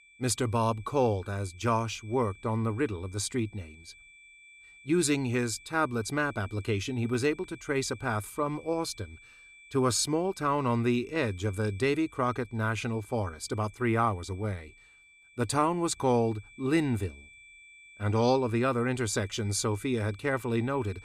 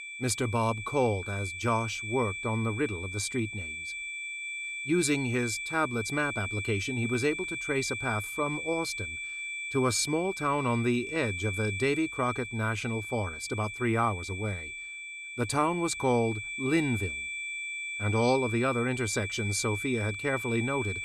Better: first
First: high-pitched whine; faint; throughout; 2.5 kHz, 25 dB below the speech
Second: high-pitched whine; loud; throughout; 2.5 kHz, 5 dB below the speech

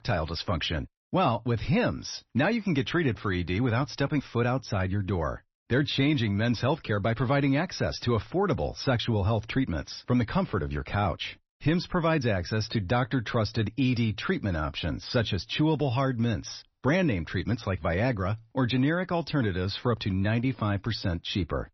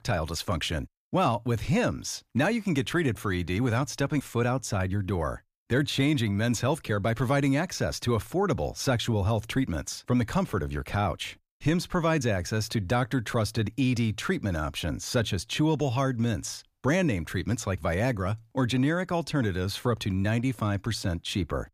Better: second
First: garbled, watery; slightly; nothing above 6 kHz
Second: none

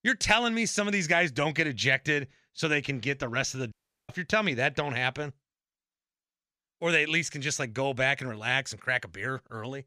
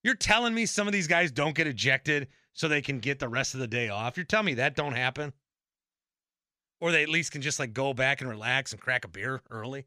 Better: second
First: audio cutting out; at 3.5 s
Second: none

